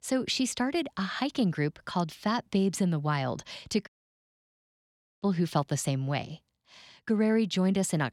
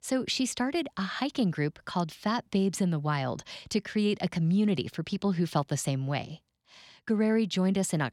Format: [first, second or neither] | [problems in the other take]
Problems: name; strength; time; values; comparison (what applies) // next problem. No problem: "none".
second | audio cutting out; at 4 s for 1.5 s